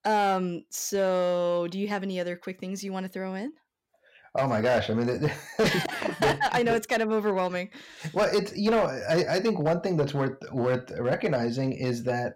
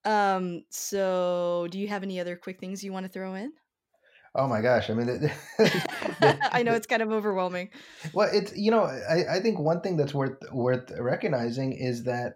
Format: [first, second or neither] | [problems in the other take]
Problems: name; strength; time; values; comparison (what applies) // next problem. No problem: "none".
second | distortion; slight; 5% of the sound clipped